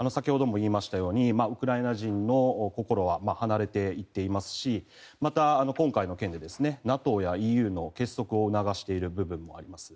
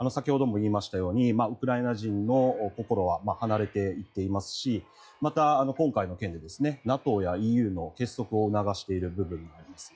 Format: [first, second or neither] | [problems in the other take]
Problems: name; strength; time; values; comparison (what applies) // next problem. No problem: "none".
first | noise reduction (classical method log-MMSE)